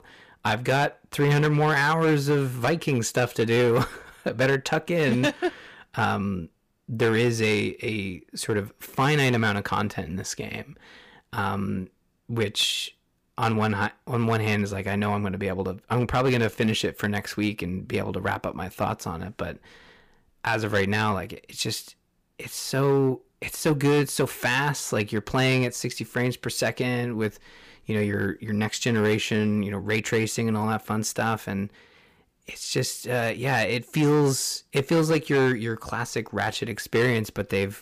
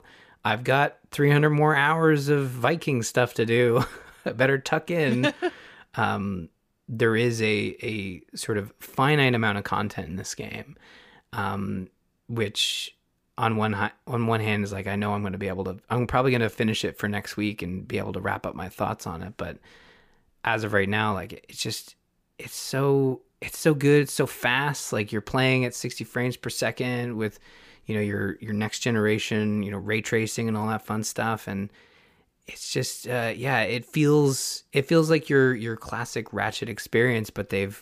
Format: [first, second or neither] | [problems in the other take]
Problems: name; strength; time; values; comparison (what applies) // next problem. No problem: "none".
second | distortion; slight; 5% of the sound clipped